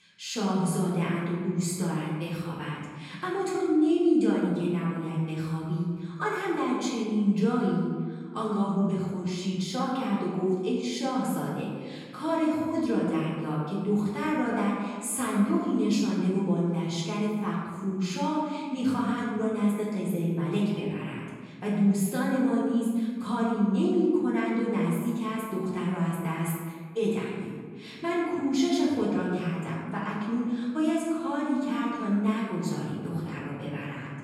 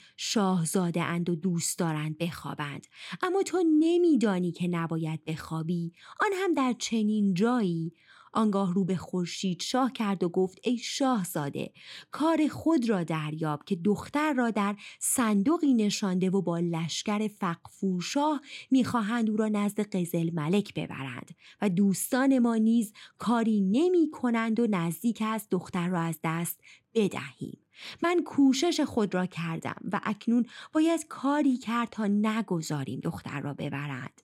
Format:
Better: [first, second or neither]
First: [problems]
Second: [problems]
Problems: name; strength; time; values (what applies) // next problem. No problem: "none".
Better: second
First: room echo; noticeable; dies away in 1.5 s // off-mic speech; far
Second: none